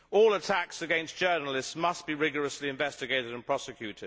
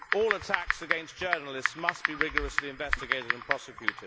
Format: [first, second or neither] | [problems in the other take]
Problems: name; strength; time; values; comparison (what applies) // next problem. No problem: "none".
first | background sound (Typing); 3 dB above the speech